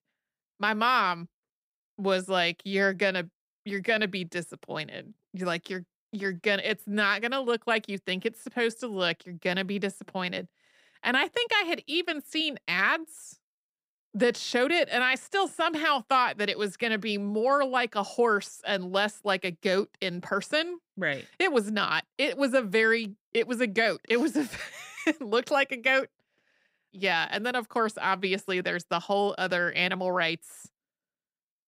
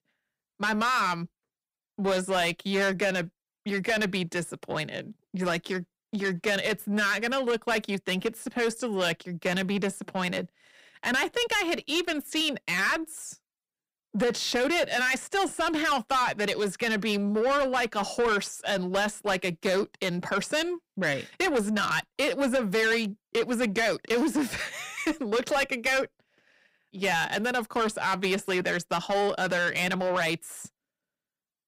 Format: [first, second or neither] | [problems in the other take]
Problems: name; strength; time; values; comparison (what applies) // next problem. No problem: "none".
first | distortion; heavy; 7 dB below the speech